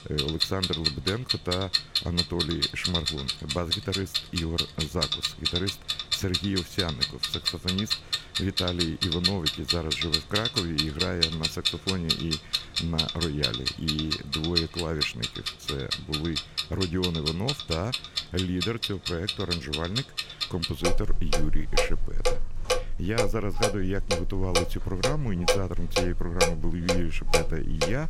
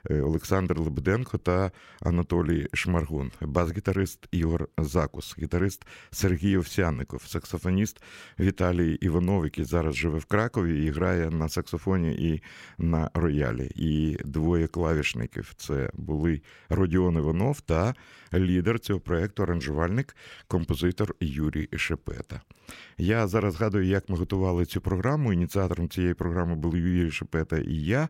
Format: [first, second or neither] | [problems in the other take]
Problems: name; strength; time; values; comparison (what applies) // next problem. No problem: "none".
second | household noises; very loud; throughout; 3 dB above the speech